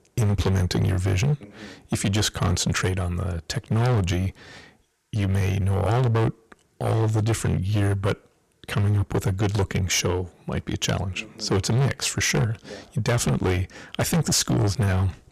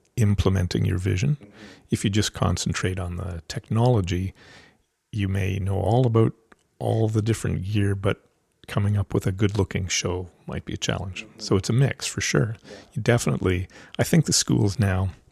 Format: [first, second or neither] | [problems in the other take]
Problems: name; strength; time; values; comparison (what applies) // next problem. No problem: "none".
second | distortion; heavy; 16% of the sound clipped